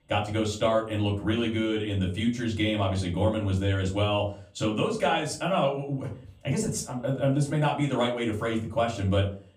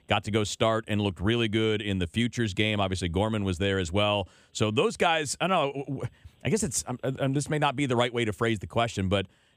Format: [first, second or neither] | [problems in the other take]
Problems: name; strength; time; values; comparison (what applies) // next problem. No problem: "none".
second | off-mic speech; far // room echo; slight; dies away in 0.4 s